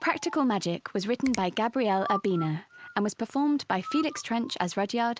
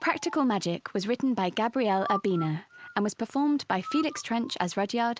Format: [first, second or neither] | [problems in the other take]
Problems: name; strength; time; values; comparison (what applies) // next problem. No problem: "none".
second | background sound (Finger snapping); 18 dB below the speech